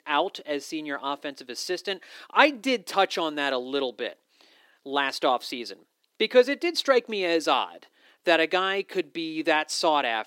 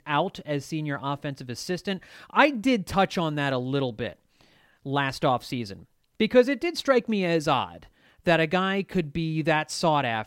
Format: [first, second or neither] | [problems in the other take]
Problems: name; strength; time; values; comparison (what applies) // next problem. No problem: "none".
second | thin; somewhat; fading below 350 Hz